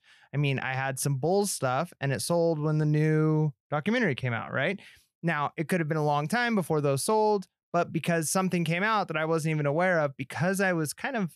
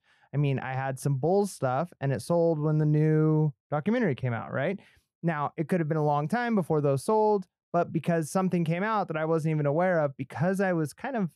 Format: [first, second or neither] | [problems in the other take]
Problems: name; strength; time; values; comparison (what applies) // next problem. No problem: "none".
first | muffled; slightly; fading above 1.5 kHz